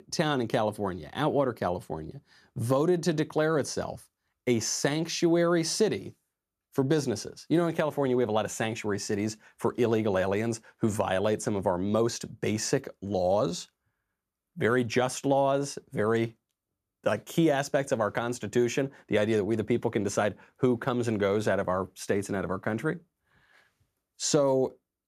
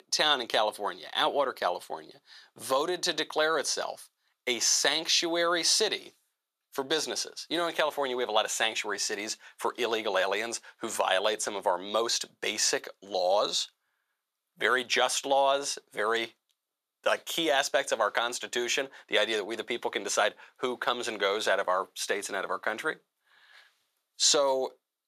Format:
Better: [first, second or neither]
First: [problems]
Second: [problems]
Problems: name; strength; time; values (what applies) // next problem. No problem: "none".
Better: first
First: none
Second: thin; very; fading below 700 Hz